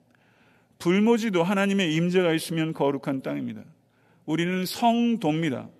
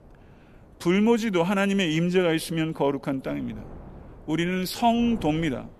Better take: first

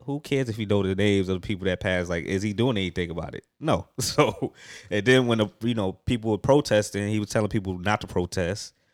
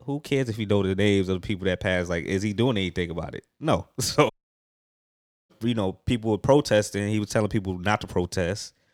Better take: first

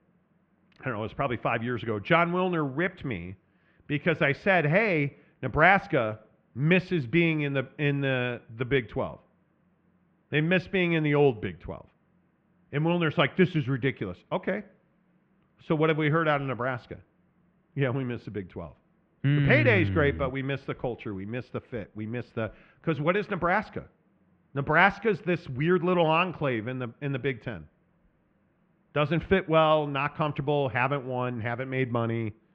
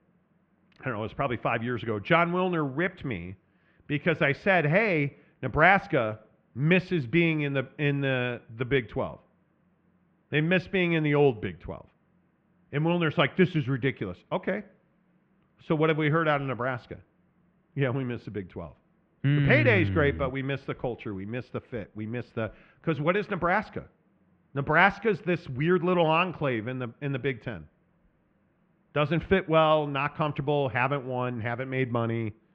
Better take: neither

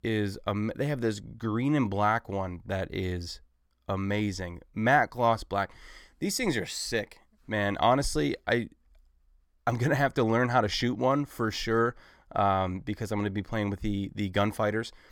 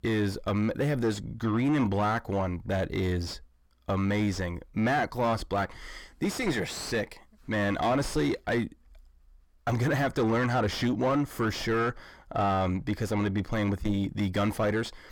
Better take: first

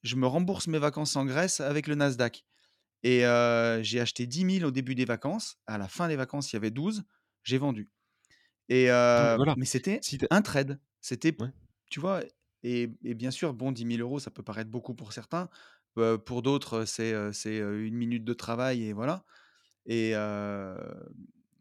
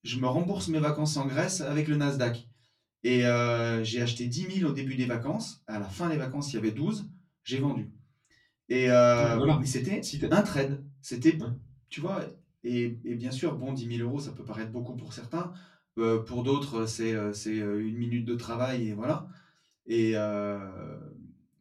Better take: first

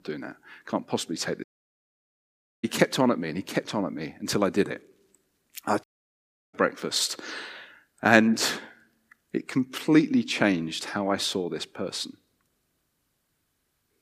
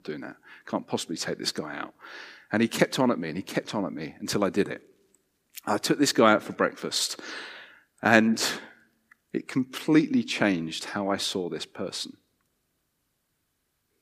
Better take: second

